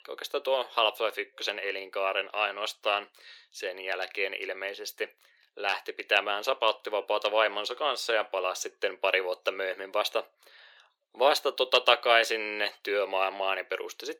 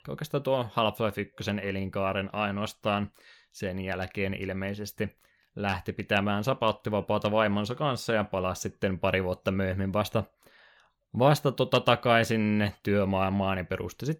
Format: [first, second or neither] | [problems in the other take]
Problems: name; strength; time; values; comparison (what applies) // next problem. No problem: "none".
second | thin; very; fading below 350 Hz